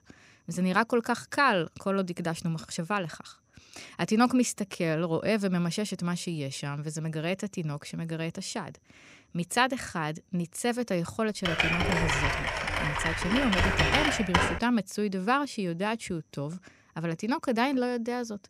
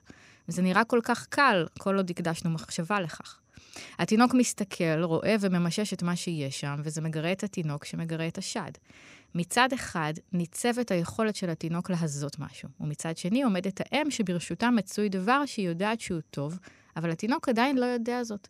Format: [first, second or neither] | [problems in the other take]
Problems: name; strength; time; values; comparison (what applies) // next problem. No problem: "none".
second | keyboard typing; loud; from 11 to 15 s; peak 6 dB above the speech